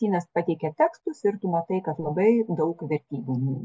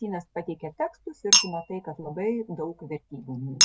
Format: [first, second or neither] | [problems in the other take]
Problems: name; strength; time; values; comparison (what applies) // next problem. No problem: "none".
first | background sound (Chink, clink); 4 dB above the speech